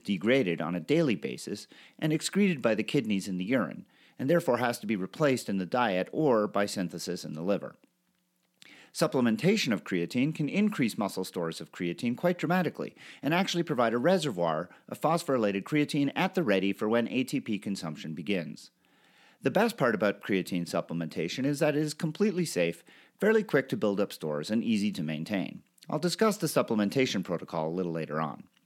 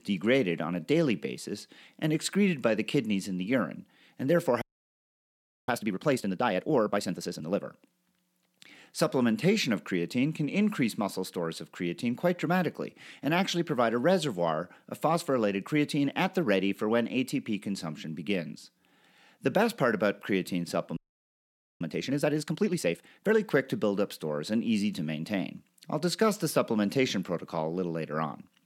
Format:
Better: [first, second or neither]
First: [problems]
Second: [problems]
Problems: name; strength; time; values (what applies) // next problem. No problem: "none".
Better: first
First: none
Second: audio freezing; at 4.5 s for 1 s and at 21 s for 1 s